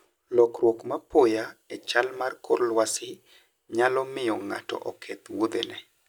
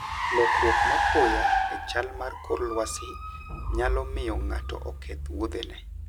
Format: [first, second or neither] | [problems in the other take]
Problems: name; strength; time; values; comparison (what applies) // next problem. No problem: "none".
first | background sound (Car); 3 dB above the speech